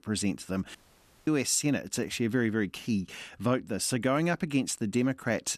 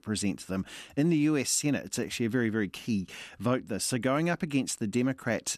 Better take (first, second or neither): second